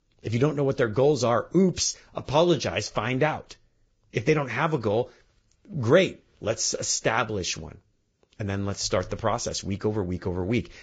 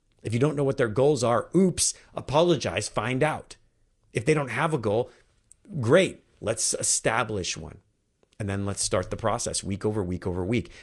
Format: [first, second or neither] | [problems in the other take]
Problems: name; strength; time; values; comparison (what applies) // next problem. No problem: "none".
second | garbled, watery; badly; nothing above 7.5 kHz; slightly in the second